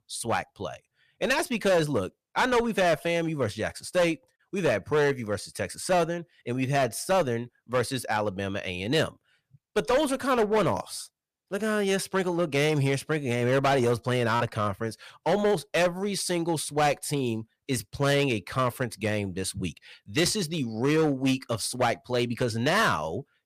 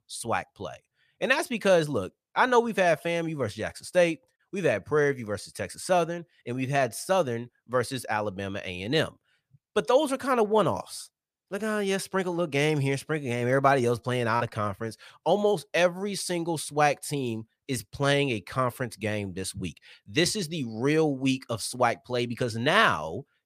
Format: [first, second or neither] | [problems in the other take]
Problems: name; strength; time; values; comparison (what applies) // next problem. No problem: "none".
second | distortion; slight; 8% of the sound clipped